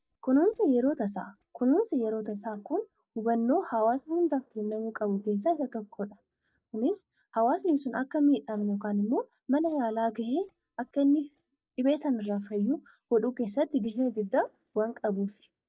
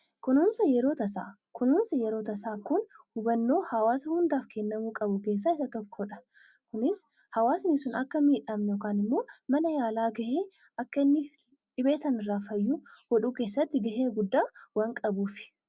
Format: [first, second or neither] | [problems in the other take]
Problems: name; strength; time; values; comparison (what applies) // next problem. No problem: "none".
second | noise reduction (neural mask model DeepFilterNet 3)